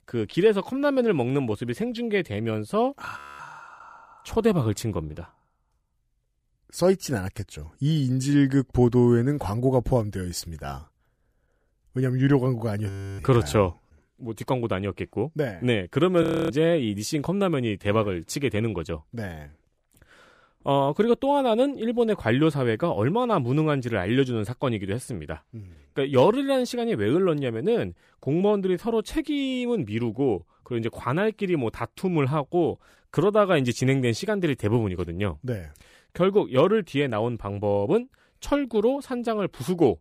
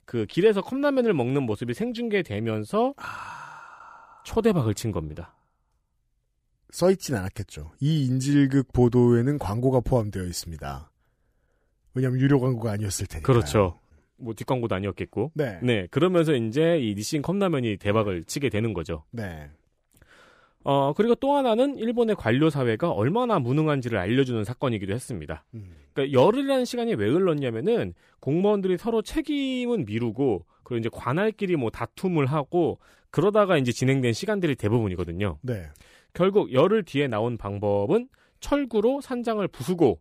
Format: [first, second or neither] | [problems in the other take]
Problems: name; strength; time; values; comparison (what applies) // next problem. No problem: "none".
second | audio freezing; at 3 s, at 13 s and at 16 s